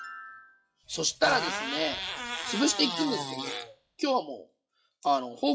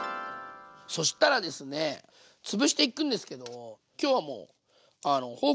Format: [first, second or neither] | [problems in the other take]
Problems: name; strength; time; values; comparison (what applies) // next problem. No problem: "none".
second | noise reduction (classical method WPE with log-MMSE)